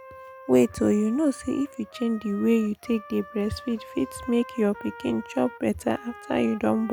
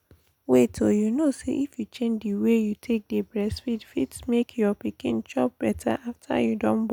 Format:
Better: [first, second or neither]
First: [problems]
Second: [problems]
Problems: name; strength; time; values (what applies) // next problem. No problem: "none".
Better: second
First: background sound (Trumpet); 18 dB below the speech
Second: none